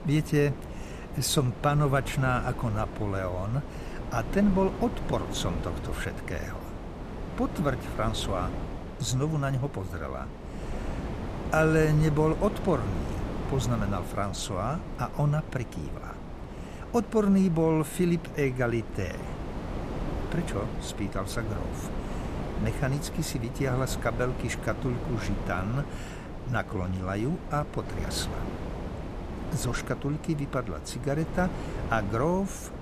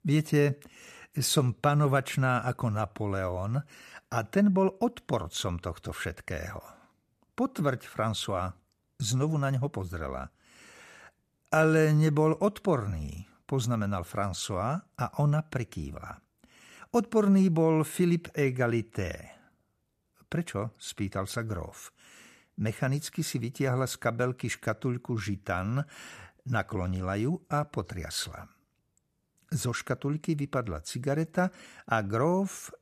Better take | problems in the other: second | wind noise on the microphone; heavy; 9 dB below the speech

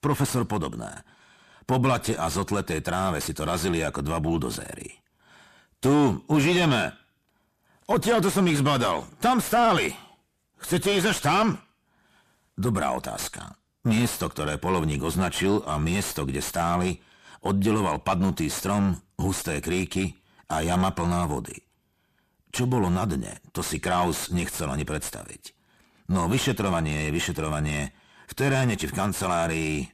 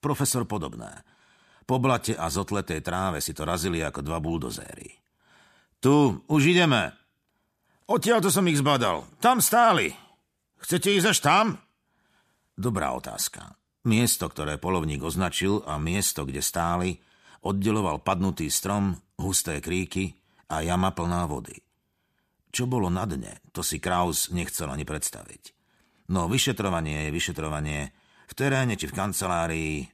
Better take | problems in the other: second | distortion; heavy; 7 dB below the speech

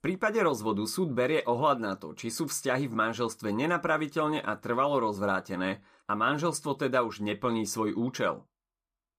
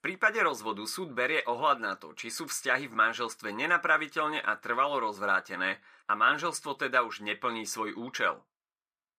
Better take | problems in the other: first | thin; somewhat; fading below 550 Hz

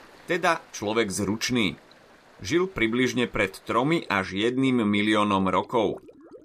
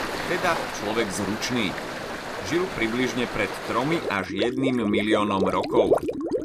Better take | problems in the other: first | rain or running water; loud; throughout; 3 dB below the speech; faint in the first

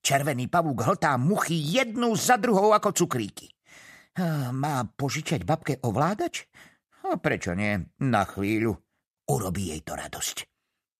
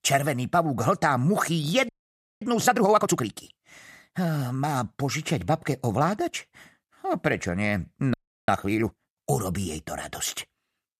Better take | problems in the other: first | audio freezing; at 2 s for 0.5 s and at 8 s

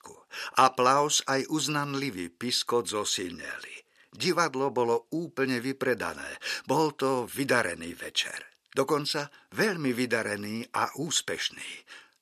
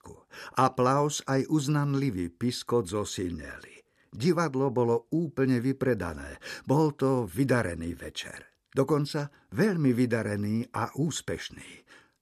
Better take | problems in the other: second | thin; somewhat; fading below 800 Hz

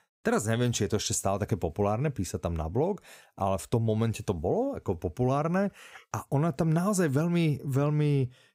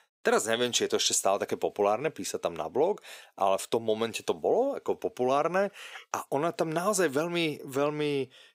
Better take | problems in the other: first | thin; somewhat; fading below 400 Hz

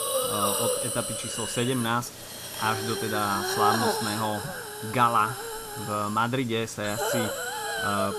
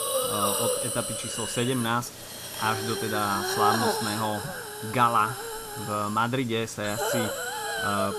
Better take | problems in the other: neither | hiss; loud; throughout; 1 dB below the speech; the same in both

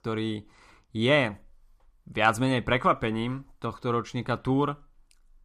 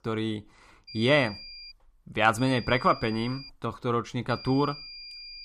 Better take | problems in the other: first | high-pitched whine; noticeable; at 1 s, from 2.5 to 3.5 s and from 4.5 s on; 5 kHz, 15 dB below the speech

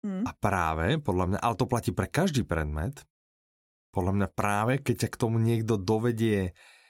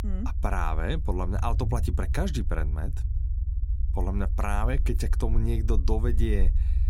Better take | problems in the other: first | low rumble; noticeable; throughout; 15 dB below the speech

